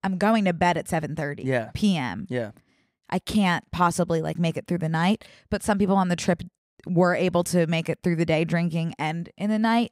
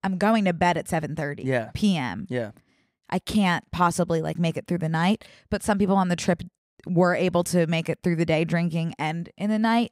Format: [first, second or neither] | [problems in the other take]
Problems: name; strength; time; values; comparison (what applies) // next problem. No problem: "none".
neither | none